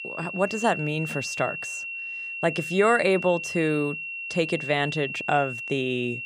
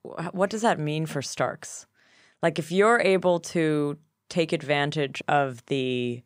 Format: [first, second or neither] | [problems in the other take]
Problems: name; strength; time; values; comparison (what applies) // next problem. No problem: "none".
second | high-pitched whine; loud; throughout; 2.5 kHz, 6 dB below the speech